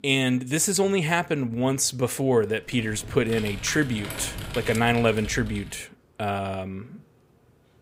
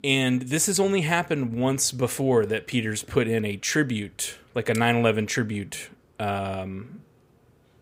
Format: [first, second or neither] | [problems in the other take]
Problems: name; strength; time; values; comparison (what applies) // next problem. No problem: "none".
second | keyboard typing; noticeable; from 2.5 to 6 s; peak 9 dB below the speech